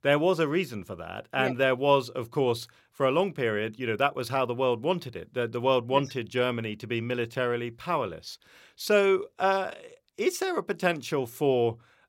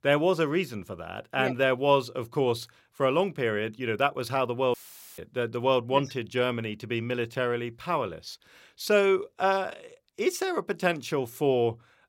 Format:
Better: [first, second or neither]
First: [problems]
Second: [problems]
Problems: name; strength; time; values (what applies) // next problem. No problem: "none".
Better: first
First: none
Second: audio cutting out; filled with static; at 4.5 s